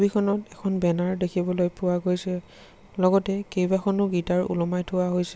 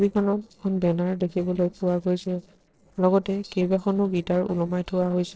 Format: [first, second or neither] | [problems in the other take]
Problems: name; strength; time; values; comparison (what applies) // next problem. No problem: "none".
first | noise reduction (neural separator model SepFormer DNS4)